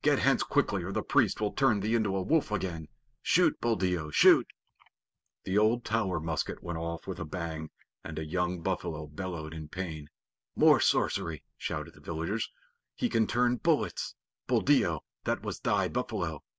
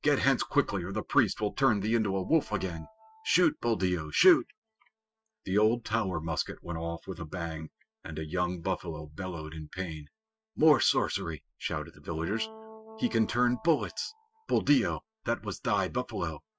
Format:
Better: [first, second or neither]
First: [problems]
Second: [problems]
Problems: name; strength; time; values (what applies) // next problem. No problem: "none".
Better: first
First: none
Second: noise reduction (classical method Wiener filter)